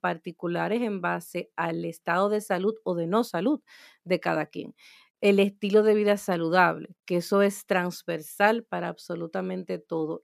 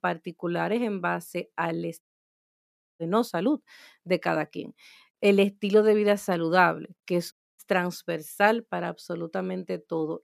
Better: first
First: none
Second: audio cutting out; at 2 s for 1 s and at 7.5 s

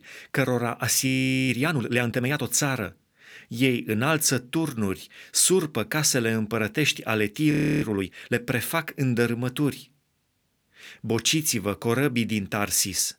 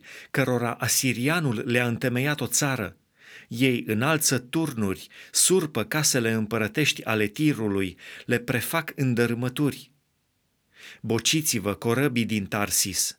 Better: second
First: audio freezing; at 1 s and at 7.5 s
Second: none

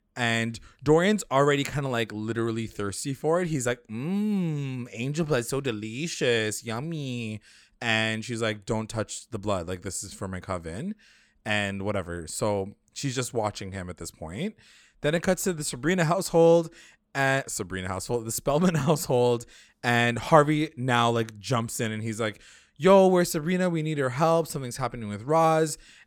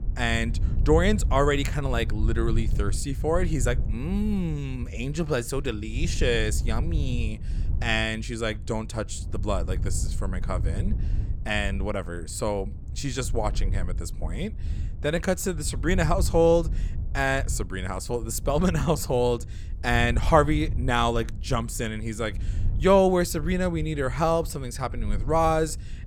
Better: first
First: none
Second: wind noise on the microphone; occasional gusts; 20 dB below the speech

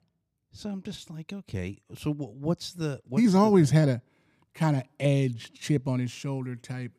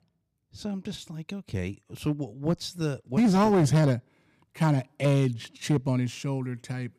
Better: first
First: none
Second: distortion; slight; 5% of the sound clipped

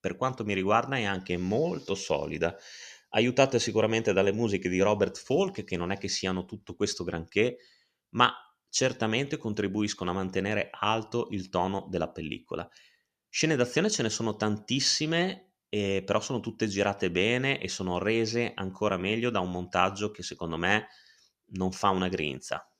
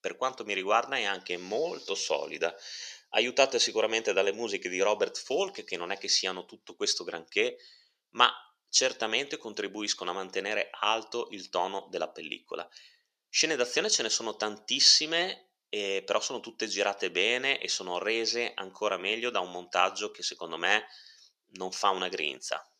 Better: first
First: none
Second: thin; somewhat; fading below 500 Hz

